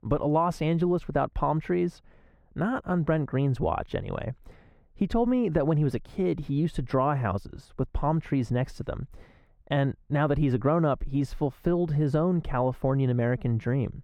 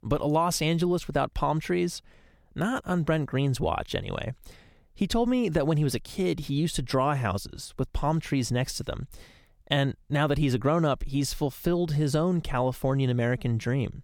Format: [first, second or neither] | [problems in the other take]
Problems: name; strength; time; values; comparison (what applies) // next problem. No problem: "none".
second | muffled; very; fading above 3 kHz